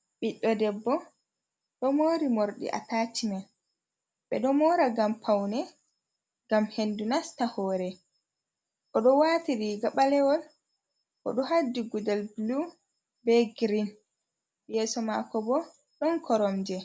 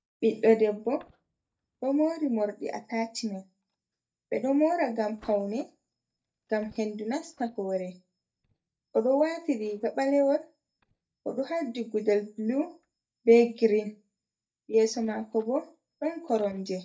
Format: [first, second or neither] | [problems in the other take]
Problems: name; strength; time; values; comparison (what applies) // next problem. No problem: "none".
first | noise reduction (neural mask model DeepFilterNet 3)